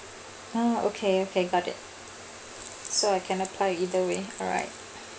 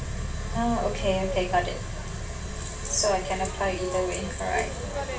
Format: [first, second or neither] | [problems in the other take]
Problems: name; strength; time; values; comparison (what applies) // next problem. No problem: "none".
first | background sound (Boat, Water vehicle); 3 dB below the speech // room echo; dies away in 0.2 s